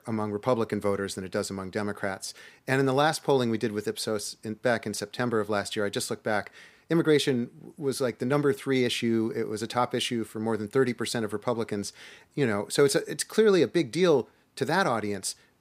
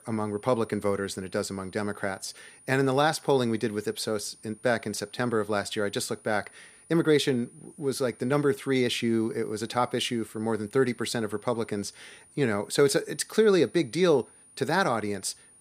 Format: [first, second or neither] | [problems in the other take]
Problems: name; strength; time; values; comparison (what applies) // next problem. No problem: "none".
first | high-pitched whine; faint; throughout; 9.5 kHz, 25 dB below the speech